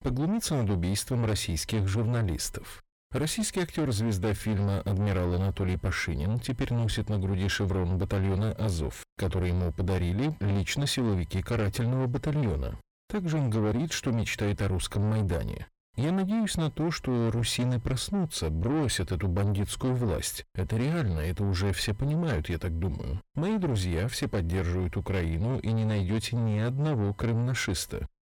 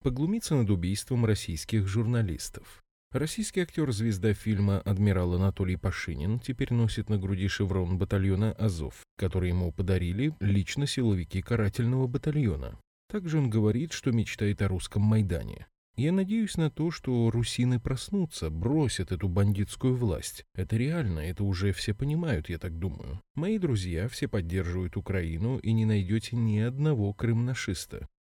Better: second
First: distortion; heavy; 7 dB below the speech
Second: none

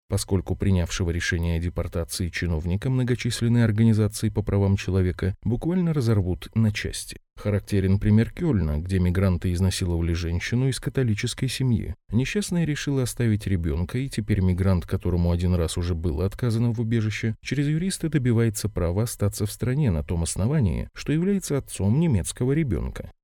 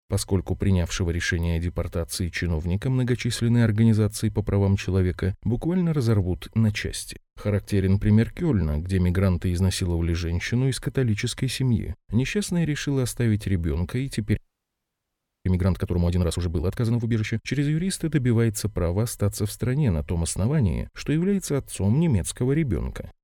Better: first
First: none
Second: audio freezing; at 14 s for 1 s

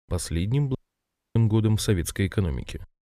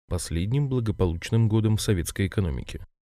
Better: second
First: audio cutting out; at 1 s for 0.5 s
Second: none

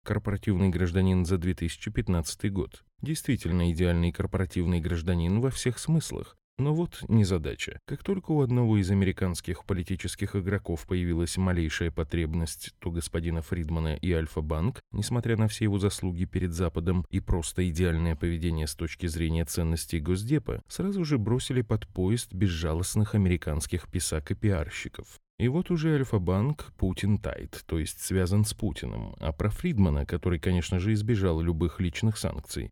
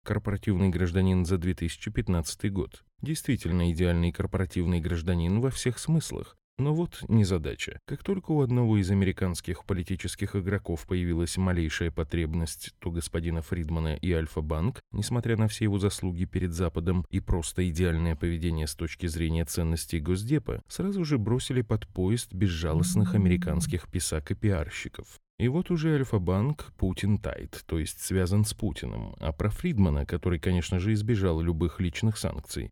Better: first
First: none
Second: phone ringing; noticeable; from 23 to 24 s; peak level with the speech

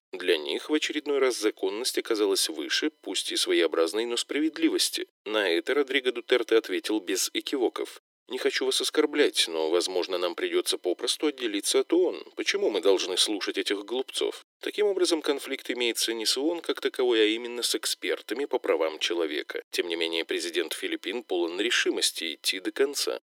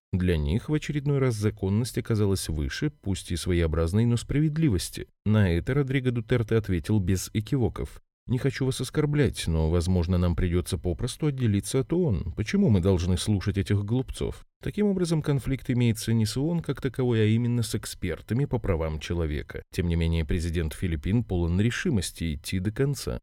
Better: second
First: thin; very; fading below 300 Hz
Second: none

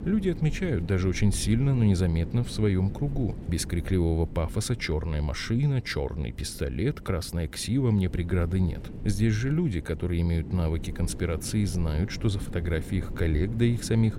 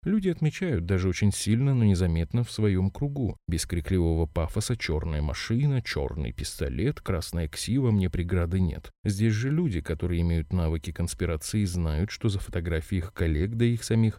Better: second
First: wind noise on the microphone; occasional gusts; 15 dB below the speech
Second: none

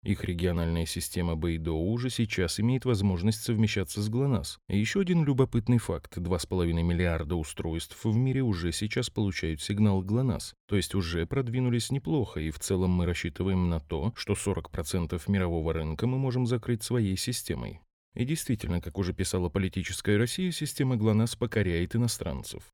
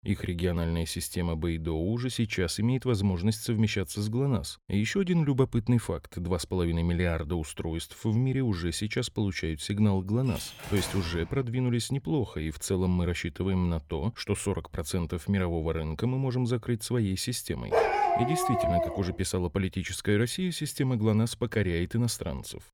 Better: first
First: none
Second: door banging; noticeable; from 10 to 11 s; peak 8 dB below the speech // dog barking; loud; from 18 to 19 s; peak 5 dB above the speech

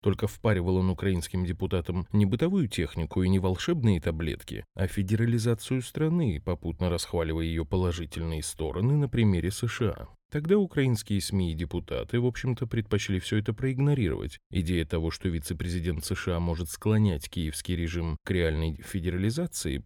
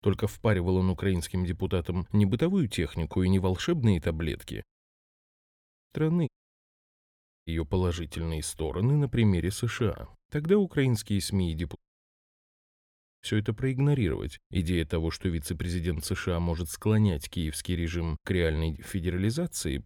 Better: first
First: none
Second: audio cutting out; at 4.5 s for 1.5 s, at 6.5 s for 1 s and at 12 s for 1.5 s

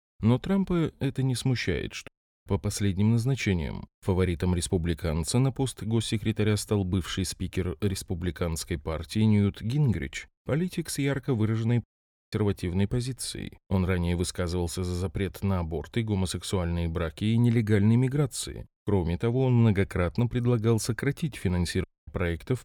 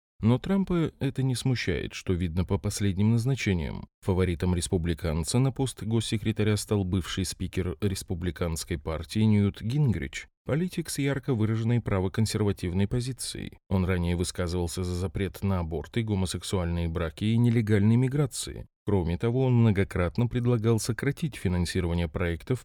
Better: second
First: audio cutting out; at 2 s, at 12 s and at 22 s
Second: none

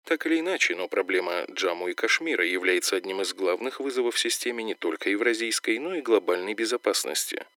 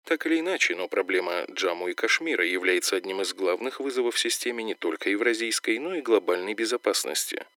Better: neither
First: thin; very; fading below 300 Hz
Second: thin; very; fading below 300 Hz

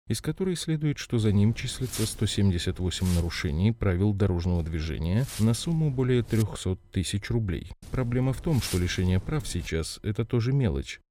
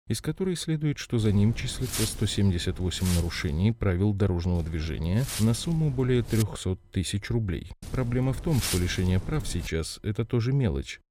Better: first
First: wind noise on the microphone; occasional gusts; from 1 to 3.5 s, from 4.5 to 6.5 s and from 8 to 9.5 s; 10 dB below the speech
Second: wind noise on the microphone; heavy; from 1 to 3.5 s, from 4.5 to 6.5 s and from 8 to 9.5 s; 6 dB below the speech

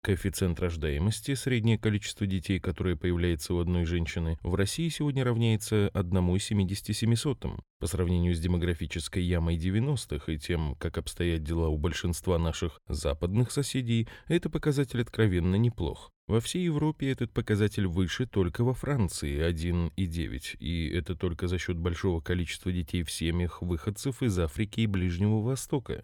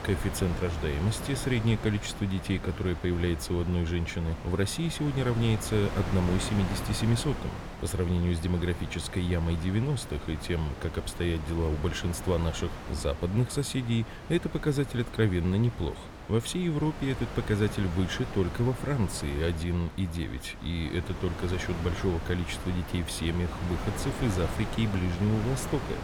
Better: first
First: none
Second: wind noise on the microphone; heavy; 6 dB below the speech

